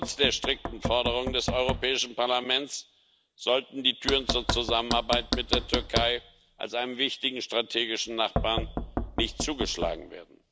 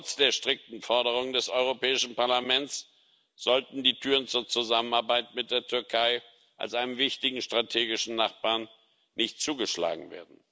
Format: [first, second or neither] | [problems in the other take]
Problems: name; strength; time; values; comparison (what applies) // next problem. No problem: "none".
second | background sound (Knock); 5 dB below the speech